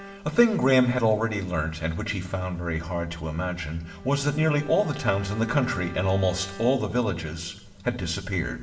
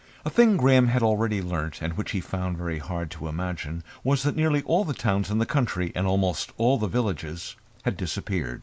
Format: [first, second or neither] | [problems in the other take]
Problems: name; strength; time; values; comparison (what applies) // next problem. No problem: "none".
second | background sound (Bowed string instrument); 19 dB below the speech // room echo; dies away in 0.8 s